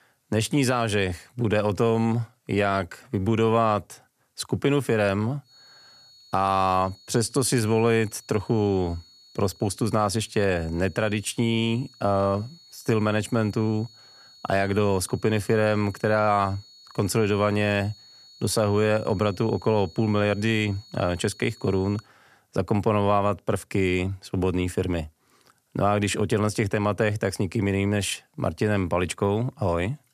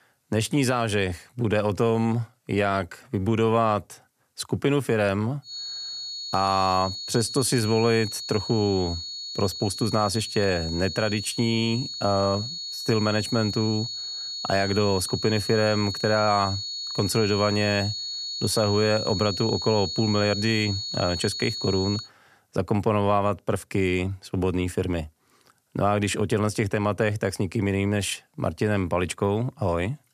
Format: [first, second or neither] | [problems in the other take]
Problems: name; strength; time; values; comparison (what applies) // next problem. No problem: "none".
first | high-pitched whine; loud; from 5.5 to 22 s; 4.5 kHz, 6 dB below the speech; faint in the first